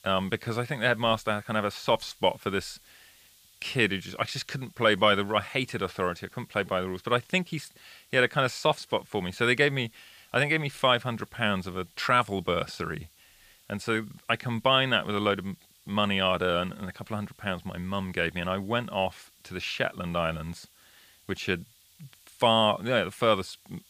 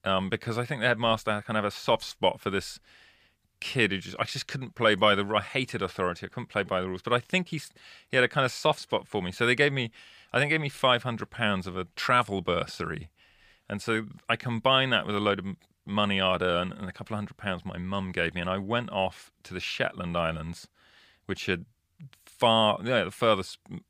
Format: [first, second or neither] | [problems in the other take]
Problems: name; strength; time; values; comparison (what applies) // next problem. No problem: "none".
second | hiss; faint; throughout; 30 dB below the speech